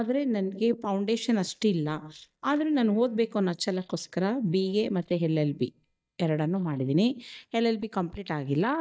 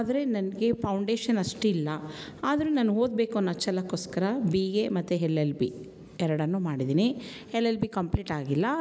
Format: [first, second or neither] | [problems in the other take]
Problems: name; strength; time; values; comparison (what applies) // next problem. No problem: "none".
second | noise reduction (neural mask model DeepFilterNet 3)